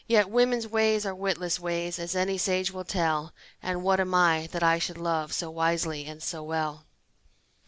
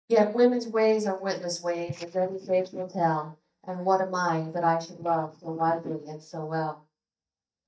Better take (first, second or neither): first